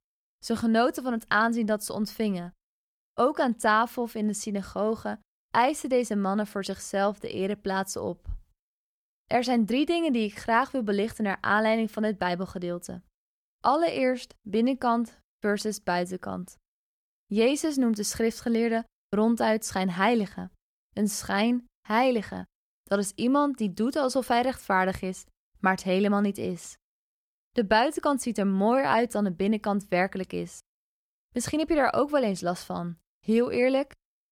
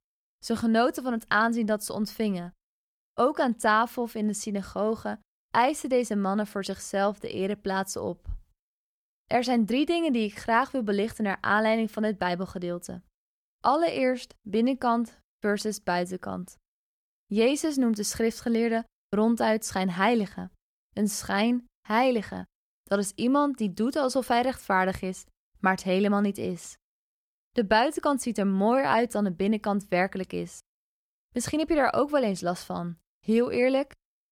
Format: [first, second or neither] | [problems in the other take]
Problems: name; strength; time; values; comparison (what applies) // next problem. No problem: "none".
neither | none